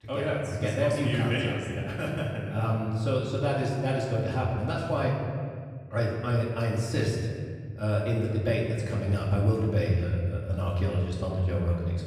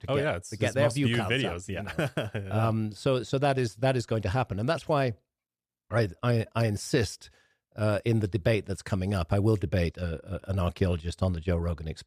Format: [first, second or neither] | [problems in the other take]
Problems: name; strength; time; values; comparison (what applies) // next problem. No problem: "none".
second | off-mic speech; far // room echo; noticeable; dies away in 2.1 s